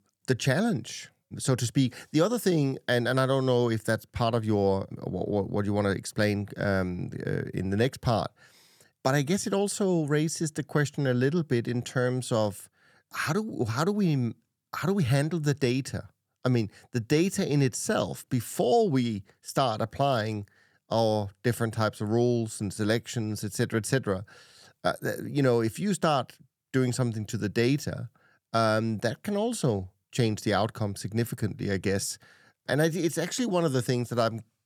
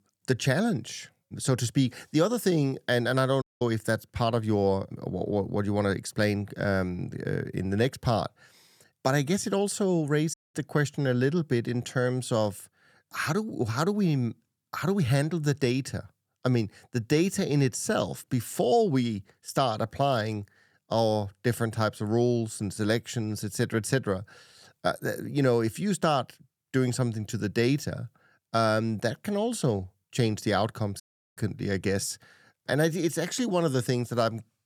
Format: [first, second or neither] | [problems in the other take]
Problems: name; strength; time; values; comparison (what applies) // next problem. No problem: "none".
first | audio cutting out; at 3.5 s, at 10 s and at 31 s